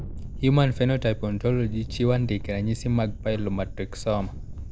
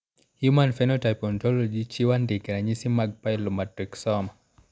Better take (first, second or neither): second